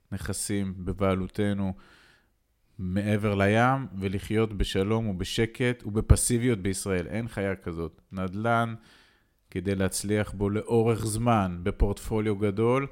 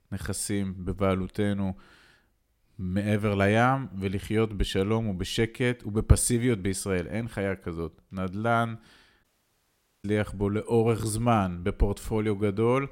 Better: first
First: none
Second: audio cutting out; at 9 s for 1 s

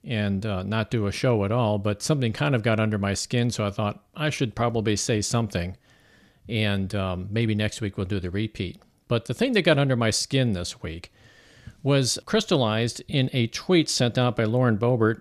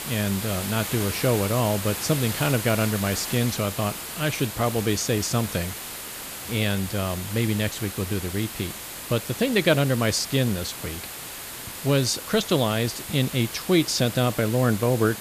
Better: first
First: none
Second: hiss; loud; throughout; 8 dB below the speech

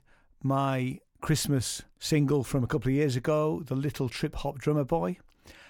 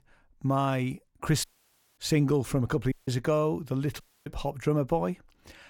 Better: first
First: none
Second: audio cutting out; at 1.5 s for 0.5 s, at 3 s and at 4 s

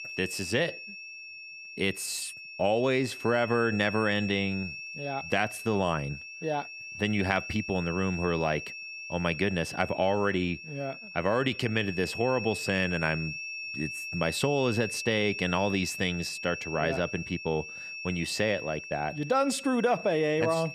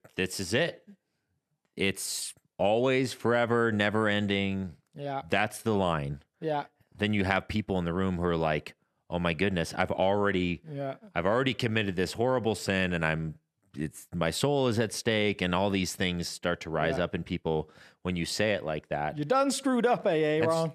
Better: second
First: high-pitched whine; loud; throughout; 2.5 kHz, 8 dB below the speech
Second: none

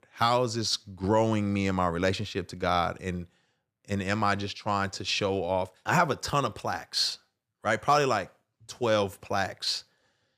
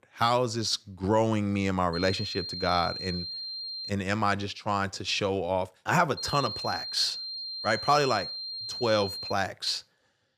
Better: first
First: none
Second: high-pitched whine; loud; from 2 to 4 s and from 6 to 9.5 s; 4 kHz, 6 dB below the speech

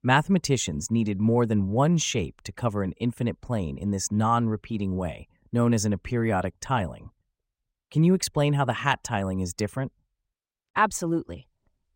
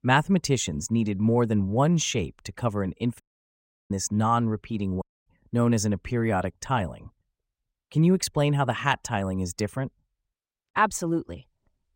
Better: first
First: none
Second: audio cutting out; at 3 s for 0.5 s and at 5 s

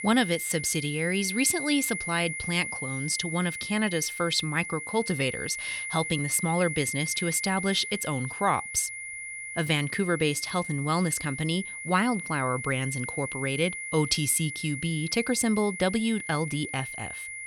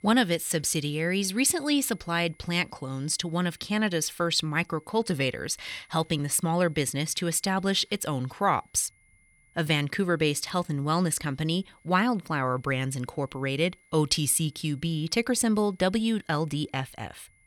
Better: second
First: high-pitched whine; loud; throughout; 2 kHz, 6 dB below the speech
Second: high-pitched whine; faint; throughout; 2 kHz, 35 dB below the speech

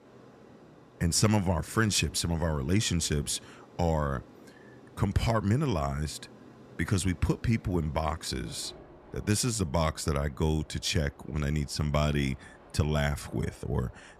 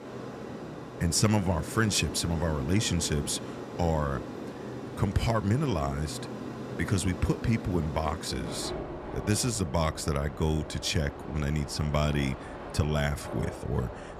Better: first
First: train or aircraft noise; faint; throughout; 25 dB below the speech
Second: train or aircraft noise; loud; throughout; 10 dB below the speech

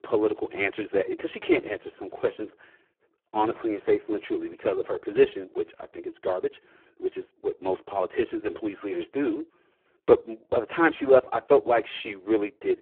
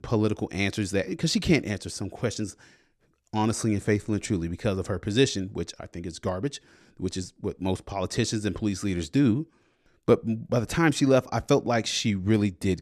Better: second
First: phone-call audio; poor line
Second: none

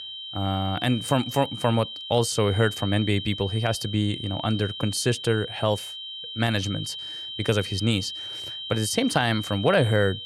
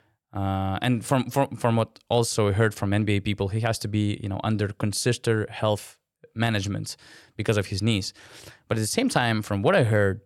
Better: second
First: high-pitched whine; loud; throughout; 3 kHz, 8 dB below the speech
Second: none

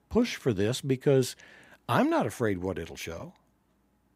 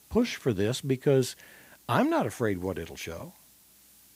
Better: first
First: none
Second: hiss; faint; throughout; 25 dB below the speech

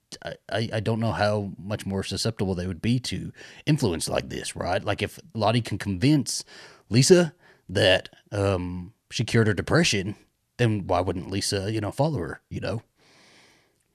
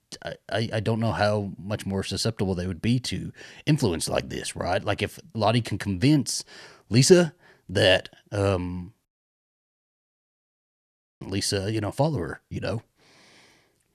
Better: first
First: none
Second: audio cutting out; at 9 s for 2 s

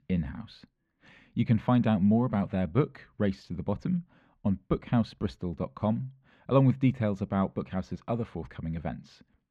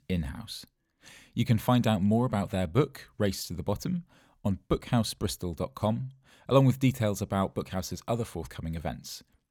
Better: second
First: muffled; slightly; fading above 2 kHz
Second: none

